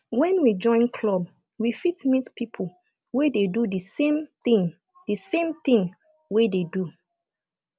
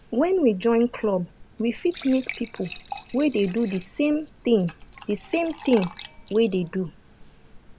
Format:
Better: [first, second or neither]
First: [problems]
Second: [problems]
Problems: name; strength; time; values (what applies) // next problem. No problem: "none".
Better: first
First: none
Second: background sound (Fill (with liquid) / Trickle, dribble / Glass); 18 dB below the speech